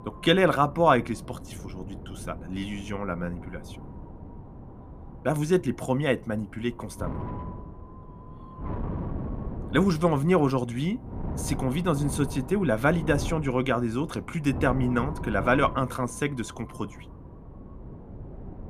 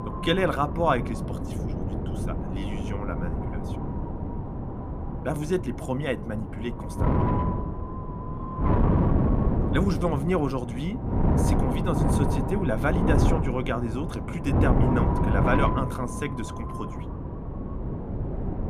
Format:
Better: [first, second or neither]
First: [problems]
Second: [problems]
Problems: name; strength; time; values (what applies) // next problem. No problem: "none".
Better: first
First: wind noise on the microphone; occasional gusts; 15 dB below the speech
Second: wind noise on the microphone; heavy; 3 dB below the speech